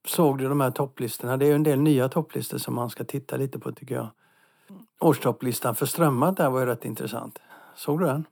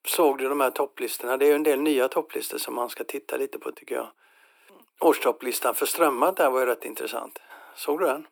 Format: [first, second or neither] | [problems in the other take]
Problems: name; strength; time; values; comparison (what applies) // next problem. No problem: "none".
first | thin; somewhat; fading below 350 Hz